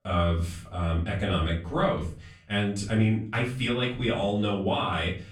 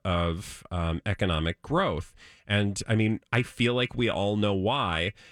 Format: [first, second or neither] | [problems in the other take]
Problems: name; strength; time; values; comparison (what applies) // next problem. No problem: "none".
second | off-mic speech; far // room echo; slight; dies away in 0.4 s